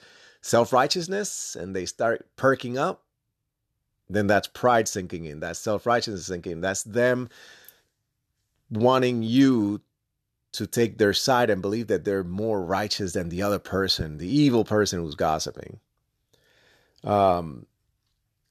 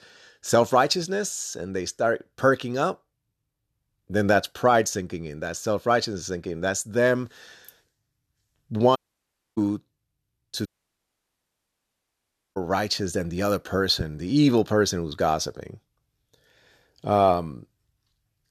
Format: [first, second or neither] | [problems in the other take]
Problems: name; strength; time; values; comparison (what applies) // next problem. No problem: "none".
first | audio cutting out; at 9 s for 0.5 s and at 11 s for 2 s